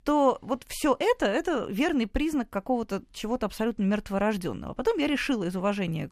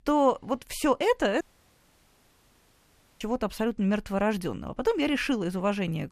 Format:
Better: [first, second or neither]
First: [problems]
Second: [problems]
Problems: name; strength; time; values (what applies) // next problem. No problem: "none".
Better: first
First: none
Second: audio cutting out; at 1.5 s for 2 s